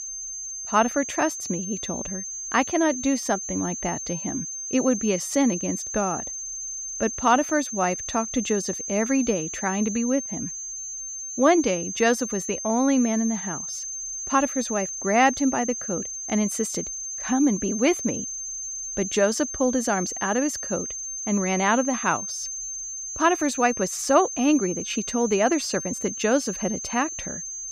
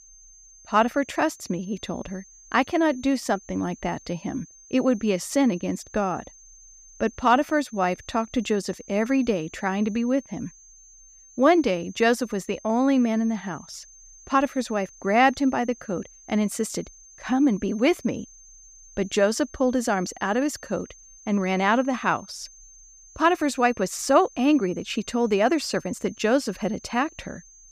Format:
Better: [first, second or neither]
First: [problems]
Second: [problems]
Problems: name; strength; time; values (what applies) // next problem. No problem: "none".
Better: second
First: high-pitched whine; loud; throughout; 6.5 kHz, 6 dB below the speech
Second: high-pitched whine; faint; throughout; 6.5 kHz, 25 dB below the speech